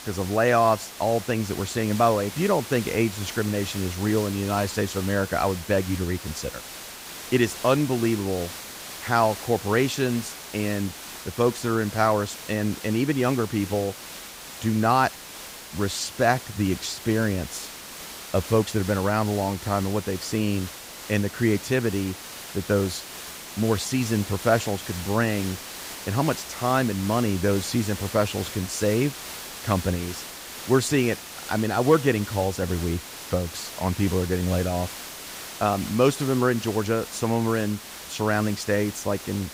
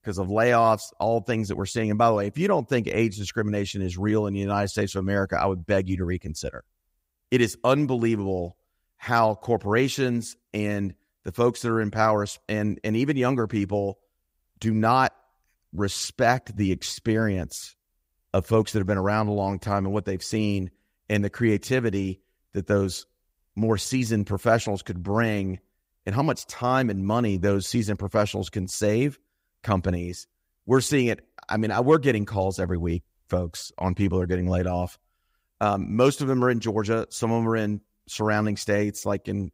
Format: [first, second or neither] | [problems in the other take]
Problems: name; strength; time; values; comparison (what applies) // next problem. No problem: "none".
second | hiss; noticeable; throughout; 10 dB below the speech